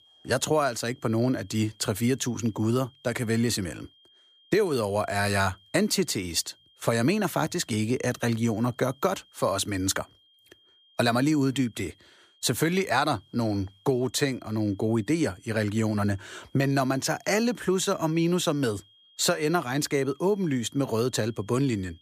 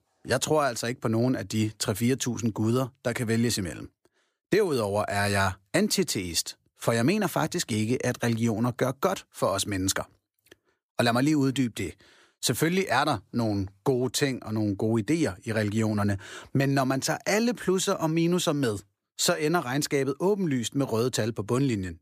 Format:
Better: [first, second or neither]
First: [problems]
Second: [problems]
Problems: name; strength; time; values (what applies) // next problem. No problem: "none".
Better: second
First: high-pitched whine; faint; throughout; 3 kHz, 30 dB below the speech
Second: none